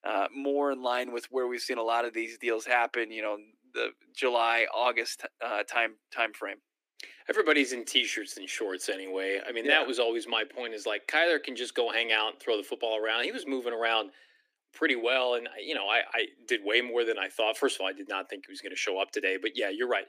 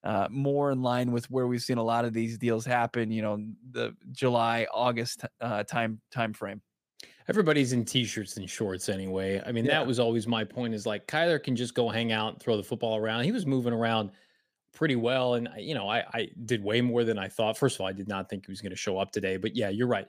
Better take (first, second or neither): second